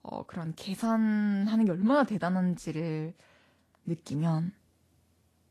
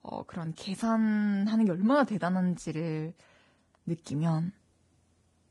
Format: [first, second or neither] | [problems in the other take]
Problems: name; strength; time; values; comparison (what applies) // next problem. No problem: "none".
first | garbled, watery; badly; nothing above 10.5 kHz; slightly in the first